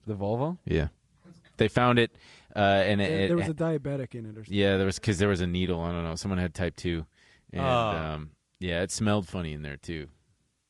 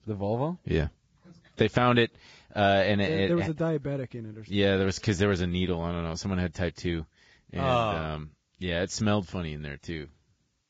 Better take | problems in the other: first | garbled, watery; badly; nothing above 7.5 kHz; slightly in the first

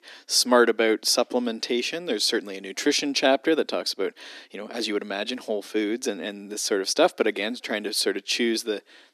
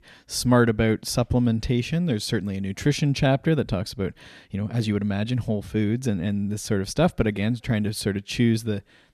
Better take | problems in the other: second | thin; somewhat; fading below 300 Hz

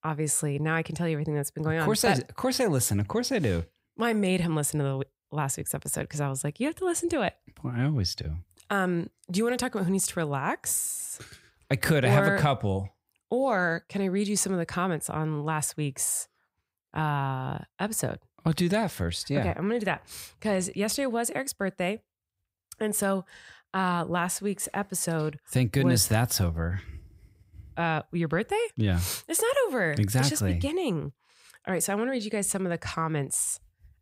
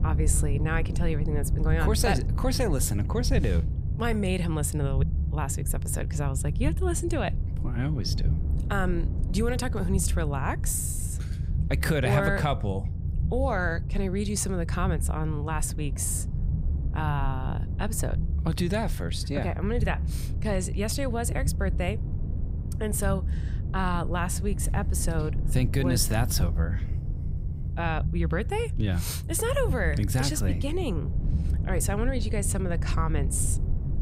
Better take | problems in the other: first | low rumble; noticeable; throughout; 15 dB below the speech

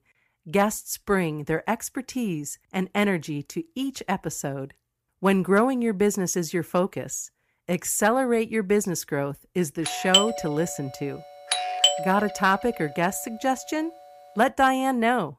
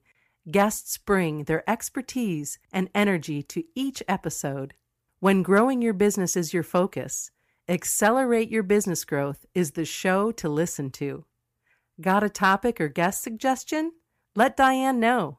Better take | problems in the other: second | doorbell; loud; from 10 to 12 s; peak 5 dB above the speech

